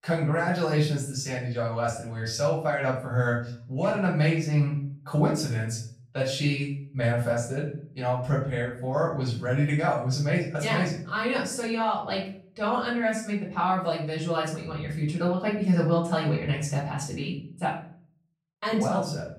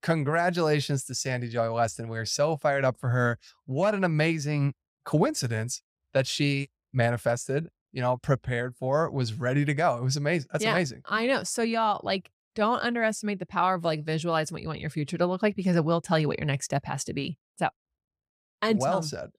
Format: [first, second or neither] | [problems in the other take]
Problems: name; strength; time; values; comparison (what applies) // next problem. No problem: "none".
second | off-mic speech; far // room echo; noticeable; dies away in 0.5 s